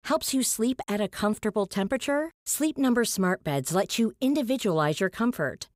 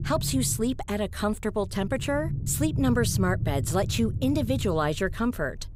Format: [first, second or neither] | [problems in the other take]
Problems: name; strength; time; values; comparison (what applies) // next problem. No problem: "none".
first | low rumble; noticeable; throughout; 15 dB below the speech